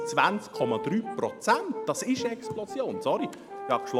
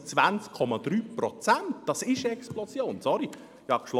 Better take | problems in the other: second | background sound (Brass instrument); 8 dB below the speech

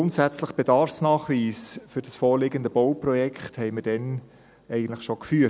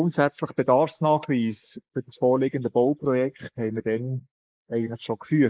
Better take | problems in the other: first | noise reduction (neural mask model Resemble Enhance denoiser)

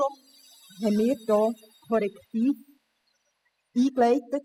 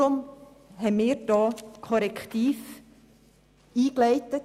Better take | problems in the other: second | noise reduction (classical method spectral subtraction)

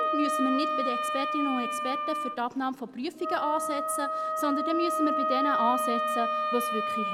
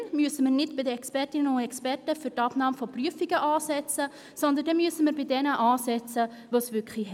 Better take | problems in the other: second | background sound (Wind instrument, woodwind instrument); 2 dB above the speech

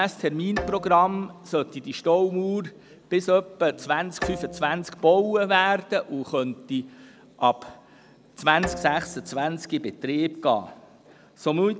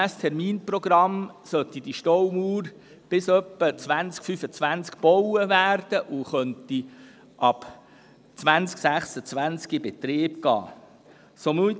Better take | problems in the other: second | background sound (Bowed string instrument); 15 dB below the speech

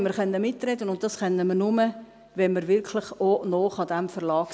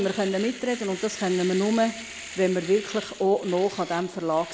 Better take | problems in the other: first | background sound (Domestic sounds, home sounds); 14 dB below the speech

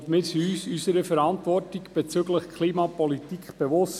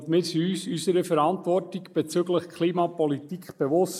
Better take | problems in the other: first | noise reduction (neural mask model Resemble Enhance denoiser)

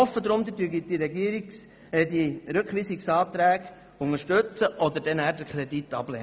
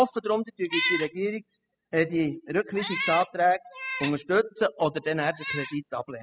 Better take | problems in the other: first | noise reduction (classical method spectral subtraction)

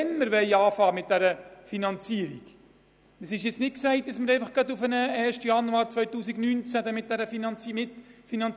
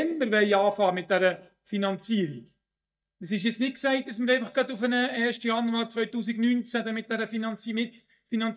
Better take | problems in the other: first | noise reduction (neural mask model DeepFilterNet 3)

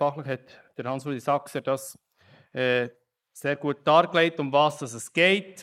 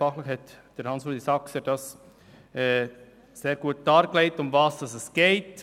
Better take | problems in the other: second | noise reduction (neural mask model Resemble Enhance denoiser)

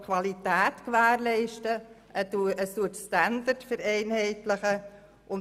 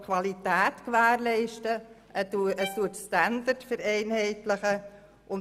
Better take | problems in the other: first | background sound (Bowed string instrument); 18 dB below the speech

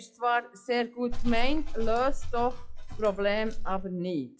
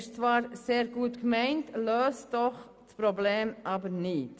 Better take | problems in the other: second | noise reduction (classical method log-MMSE)

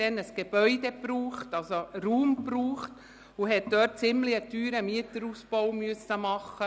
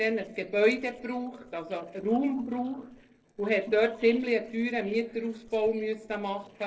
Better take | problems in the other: first | noise reduction (neural separator model SepFormer DNS4)

